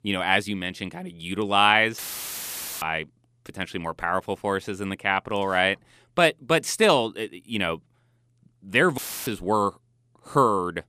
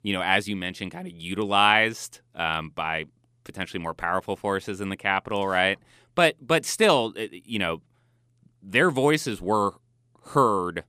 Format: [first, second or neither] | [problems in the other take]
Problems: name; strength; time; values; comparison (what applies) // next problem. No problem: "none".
second | audio cutting out; filled with static; at 2 s for 1 s and at 9 s